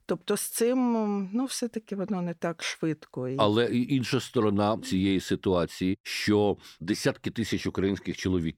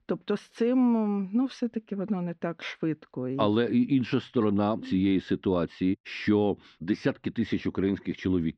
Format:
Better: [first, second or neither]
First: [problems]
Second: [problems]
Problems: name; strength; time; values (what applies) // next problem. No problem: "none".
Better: first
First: none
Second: muffled; slightly; fading above 3.5 kHz